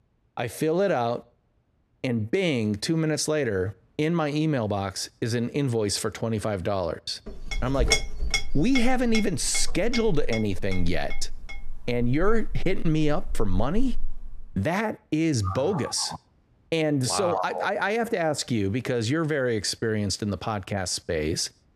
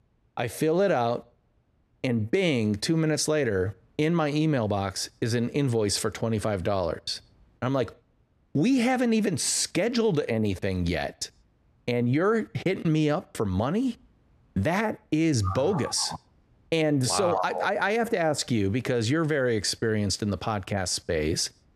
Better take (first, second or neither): second